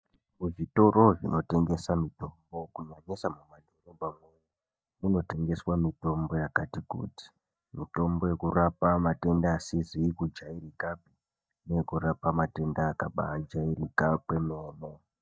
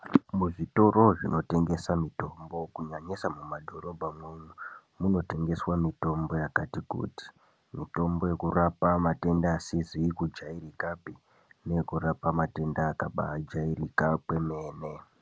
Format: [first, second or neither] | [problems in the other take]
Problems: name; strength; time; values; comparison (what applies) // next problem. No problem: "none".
second | noise reduction (neural mask model DeepFilterNet 3)